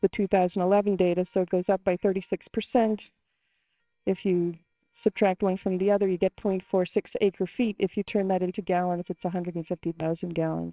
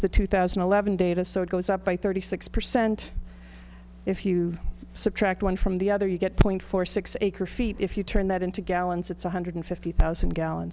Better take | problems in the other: second | noise reduction (neural separator model SepFormer WHAMR!)

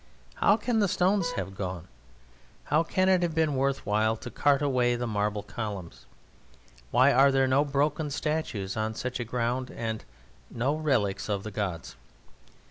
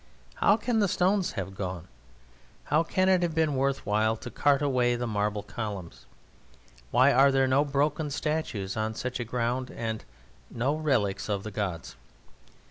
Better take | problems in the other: second | background sound (Vehicle horn, car horn, honking); 15 dB below the speech

